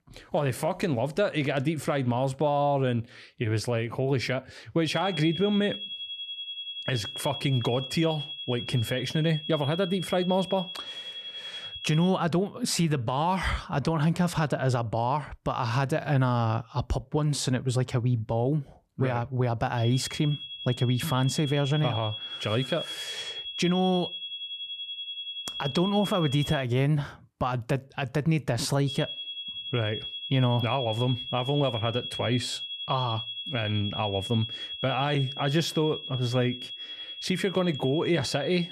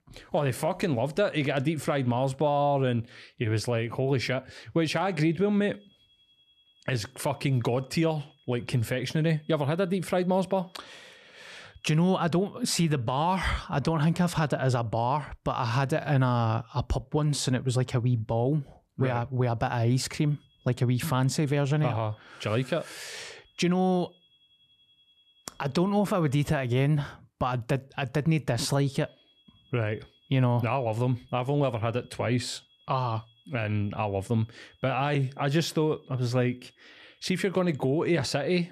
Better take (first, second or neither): second